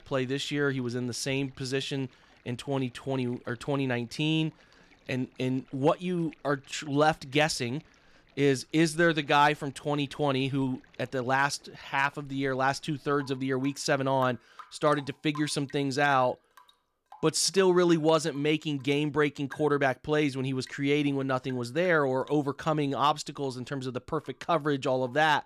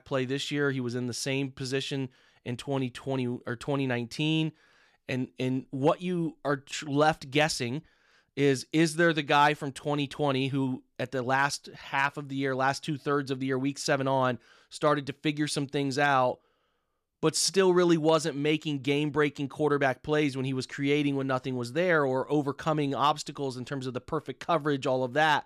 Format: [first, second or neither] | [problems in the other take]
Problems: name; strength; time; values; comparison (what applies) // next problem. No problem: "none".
second | rain or running water; faint; throughout; 25 dB below the speech